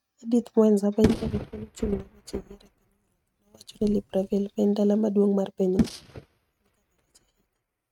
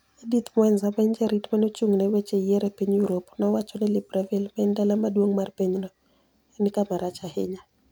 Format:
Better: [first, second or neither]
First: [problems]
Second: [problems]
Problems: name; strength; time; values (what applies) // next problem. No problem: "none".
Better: second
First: noise reduction (neural mask model RNNoise)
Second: none